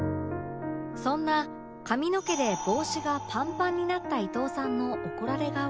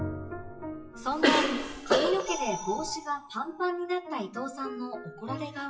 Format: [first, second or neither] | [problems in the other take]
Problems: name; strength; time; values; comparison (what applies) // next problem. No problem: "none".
first | noise reduction (classical method WPE with log-MMSE)